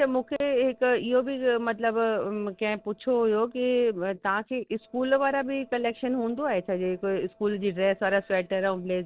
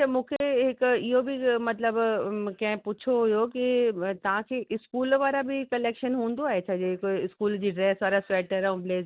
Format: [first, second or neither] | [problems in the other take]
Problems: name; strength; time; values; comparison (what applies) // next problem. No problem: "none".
second | noise reduction (neural separator model SepFormer DNS4)